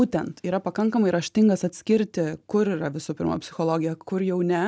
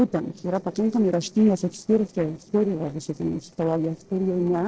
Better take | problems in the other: first | noise reduction (neural separator model SepFormer DNS4)

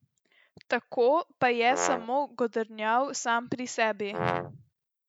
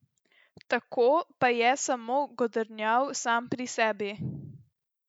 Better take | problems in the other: second | background sound (Brass instrument); 4 dB below the speech

